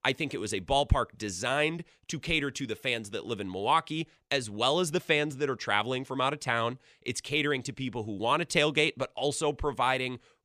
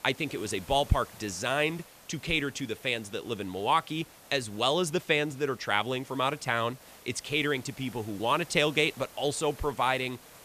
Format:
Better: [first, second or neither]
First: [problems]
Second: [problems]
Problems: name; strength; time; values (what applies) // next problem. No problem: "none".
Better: first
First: none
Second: hiss; faint; throughout; 20 dB below the speech